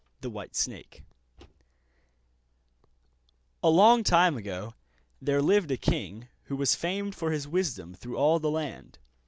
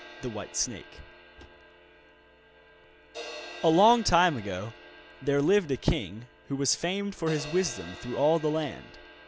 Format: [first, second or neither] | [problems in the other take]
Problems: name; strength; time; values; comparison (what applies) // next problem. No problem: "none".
first | background sound (Crash cymbal); 17 dB below the speech